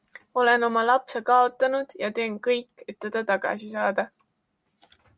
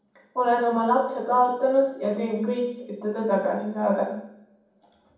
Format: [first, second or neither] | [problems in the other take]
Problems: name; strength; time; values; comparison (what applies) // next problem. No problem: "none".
first | room echo; dies away in 1.2 s